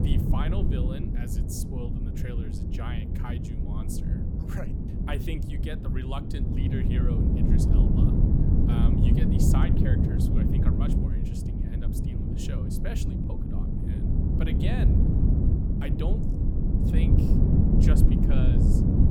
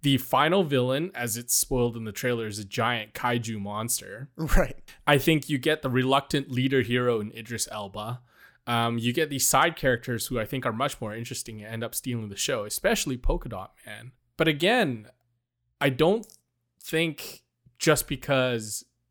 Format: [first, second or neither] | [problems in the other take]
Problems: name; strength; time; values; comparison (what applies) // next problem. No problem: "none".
second | wind noise on the microphone; heavy; 5 dB above the speech